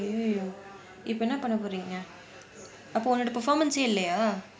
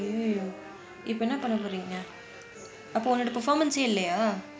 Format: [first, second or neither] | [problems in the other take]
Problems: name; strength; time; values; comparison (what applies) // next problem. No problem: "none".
first | background sound (Fart + Wind instrument, woodwind instrument); 18 dB below the speech